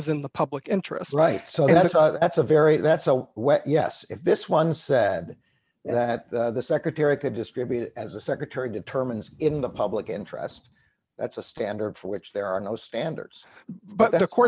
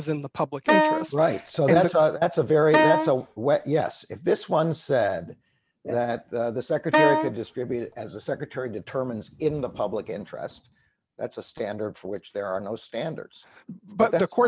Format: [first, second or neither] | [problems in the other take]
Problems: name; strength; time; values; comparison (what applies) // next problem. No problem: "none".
first | background sound (Wind instrument, woodwind instrument); 2 dB above the speech